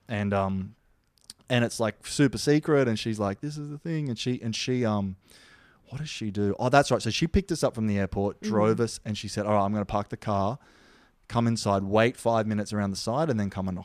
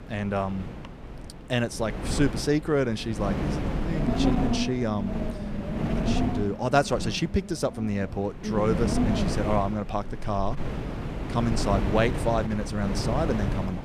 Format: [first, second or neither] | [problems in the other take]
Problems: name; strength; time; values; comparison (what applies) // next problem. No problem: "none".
first | wind noise on the microphone; heavy; 6 dB below the speech